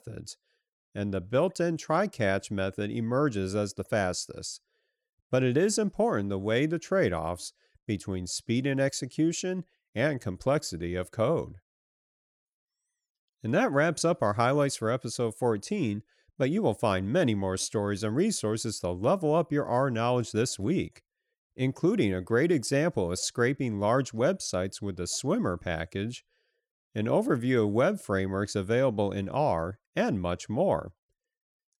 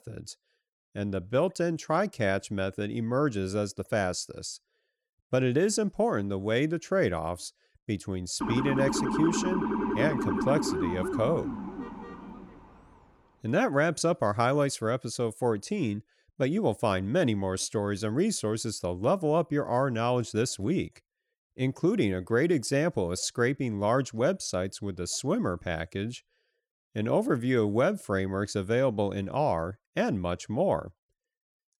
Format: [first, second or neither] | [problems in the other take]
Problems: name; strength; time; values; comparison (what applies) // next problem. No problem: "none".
first | siren; noticeable; from 8.5 to 12 s; peak level with the speech